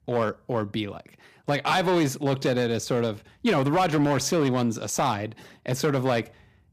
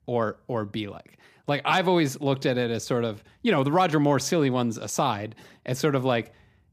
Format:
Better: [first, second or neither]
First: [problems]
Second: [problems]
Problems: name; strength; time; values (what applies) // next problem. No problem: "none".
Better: second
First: distortion; slight; 6% of the sound clipped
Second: none